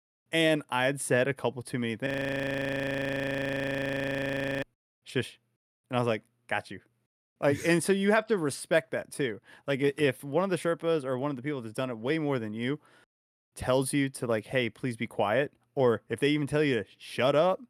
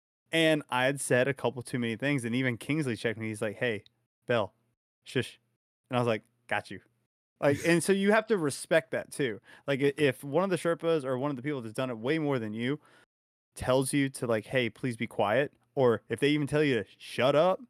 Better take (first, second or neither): second